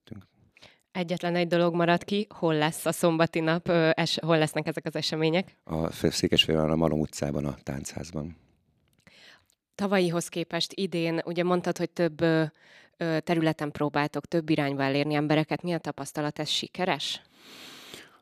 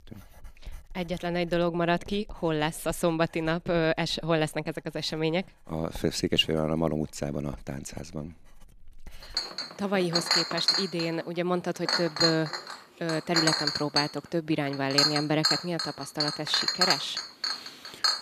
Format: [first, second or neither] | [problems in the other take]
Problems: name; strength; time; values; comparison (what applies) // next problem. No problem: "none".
first | household noises; very loud; throughout; 2 dB above the speech